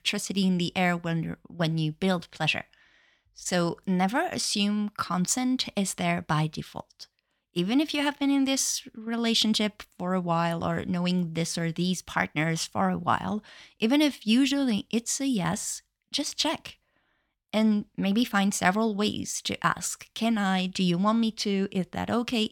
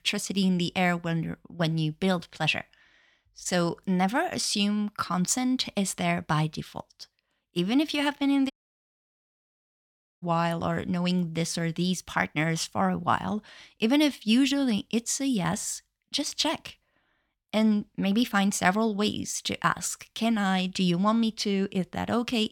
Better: first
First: none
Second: audio cutting out; at 8.5 s for 1.5 s

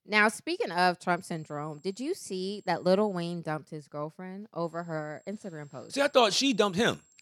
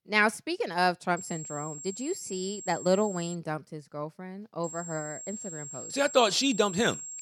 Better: first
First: high-pitched whine; faint; from 1 to 3.5 s and from 4.5 s on; 7.5 kHz, 35 dB below the speech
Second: high-pitched whine; loud; from 1 to 3.5 s and from 4.5 s on; 7.5 kHz, 10 dB below the speech

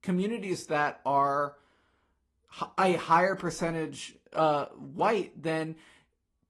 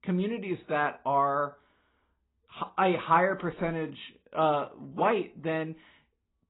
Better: first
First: garbled, watery; slightly; nothing above 11 kHz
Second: garbled, watery; badly; nothing above 4 kHz

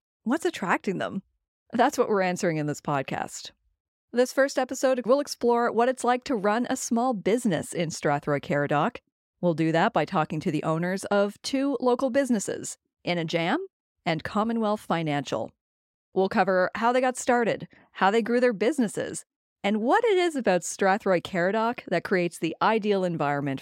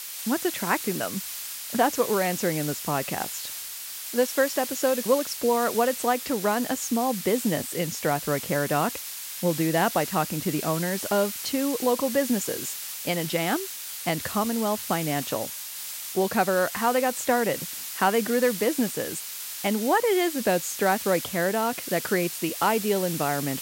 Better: first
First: none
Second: hiss; loud; throughout; 6 dB below the speech

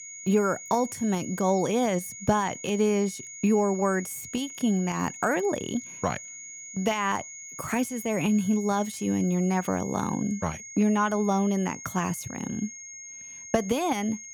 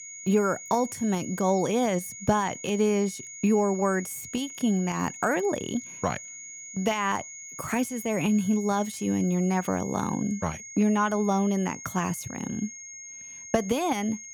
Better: neither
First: high-pitched whine; noticeable; throughout; 6.5 kHz, 10 dB below the speech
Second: high-pitched whine; noticeable; throughout; 6.5 kHz, 10 dB below the speech

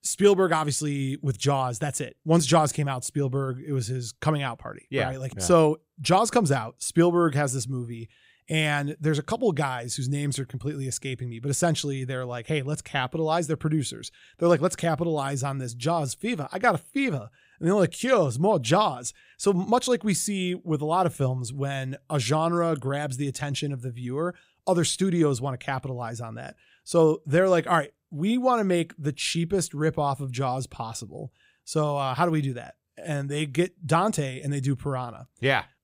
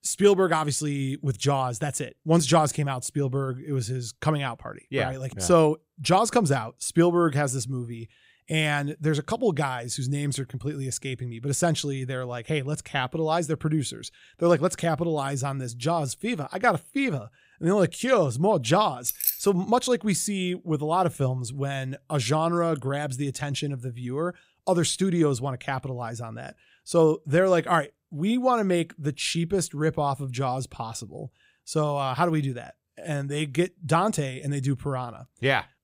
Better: first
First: none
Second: jangling keys; loud; at 19 s; peak 1 dB above the speech

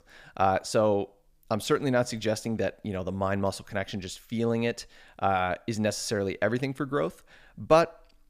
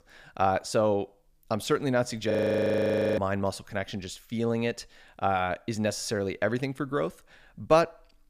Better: first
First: none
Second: audio freezing; at 2.5 s for 1 s

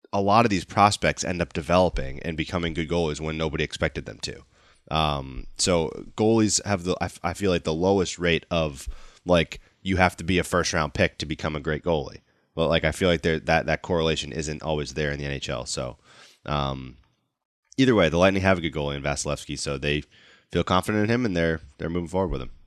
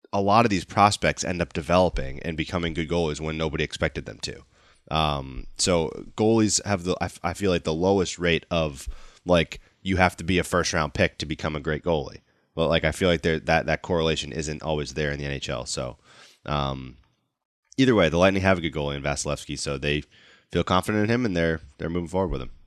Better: neither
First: none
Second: none

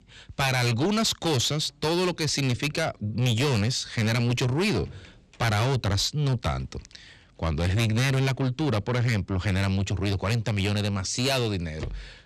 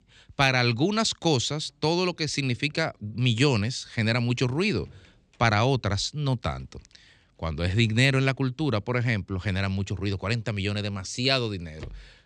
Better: second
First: distortion; heavy; 6 dB below the speech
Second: none

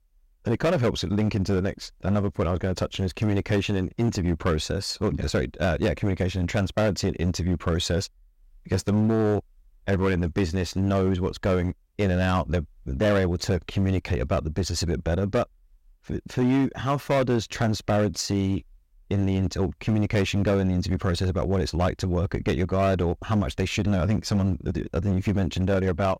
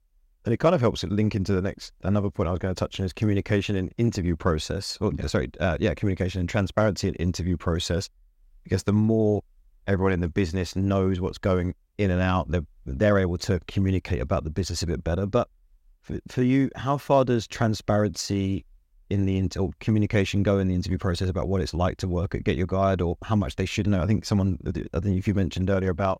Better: second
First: distortion; slight; 9% of the sound clipped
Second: none

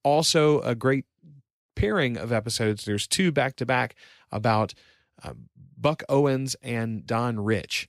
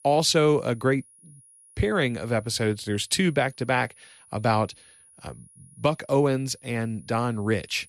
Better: first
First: none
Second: high-pitched whine; faint; throughout; 10.5 kHz, 25 dB below the speech

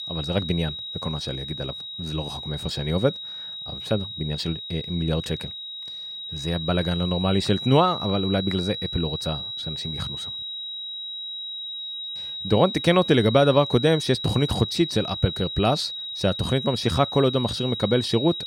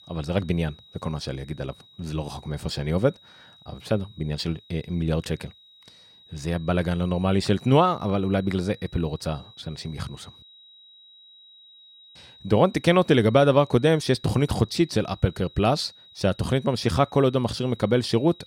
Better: second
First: high-pitched whine; loud; throughout; 4 kHz, 6 dB below the speech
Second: high-pitched whine; faint; throughout; 4 kHz, 25 dB below the speech

